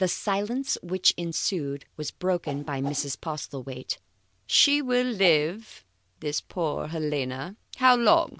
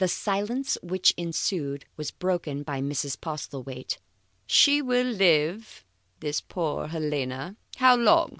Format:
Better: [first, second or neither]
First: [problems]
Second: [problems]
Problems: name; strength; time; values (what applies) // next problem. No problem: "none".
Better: second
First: background sound (Whoosh, swoosh, swish); 13 dB below the speech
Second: none